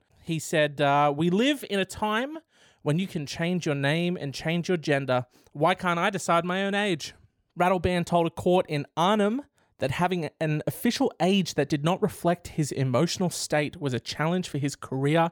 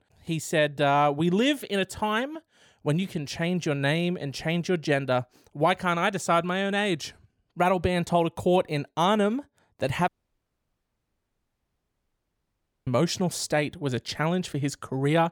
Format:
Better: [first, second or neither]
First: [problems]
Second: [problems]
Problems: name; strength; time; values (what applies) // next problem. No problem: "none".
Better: first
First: none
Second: audio cutting out; at 10 s for 3 s